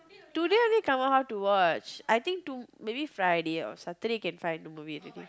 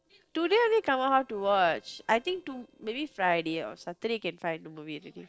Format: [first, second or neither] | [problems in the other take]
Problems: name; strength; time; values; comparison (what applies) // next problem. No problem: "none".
first | noise reduction (neural separator model SepFormer DNS4)